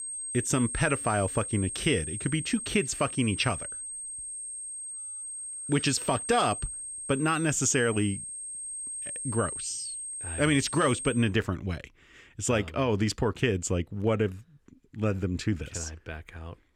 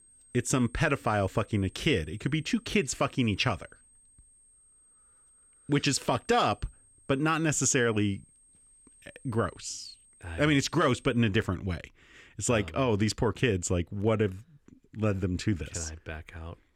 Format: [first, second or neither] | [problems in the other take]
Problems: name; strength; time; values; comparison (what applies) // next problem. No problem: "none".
second | high-pitched whine; loud; until 11 s; 8.5 kHz, 6 dB below the speech; faint in the second